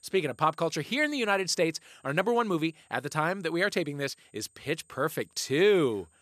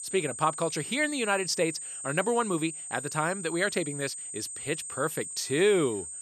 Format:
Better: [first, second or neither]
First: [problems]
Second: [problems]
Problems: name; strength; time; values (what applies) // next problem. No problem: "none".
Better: first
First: high-pitched whine; faint; throughout; 8.5 kHz, 35 dB below the speech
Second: high-pitched whine; loud; throughout; 8.5 kHz, 7 dB below the speech